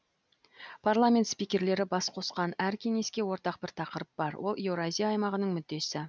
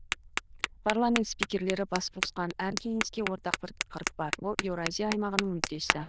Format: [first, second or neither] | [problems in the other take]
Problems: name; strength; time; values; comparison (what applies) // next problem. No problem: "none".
first | noise reduction (neural diffusion model UNIVERSE++)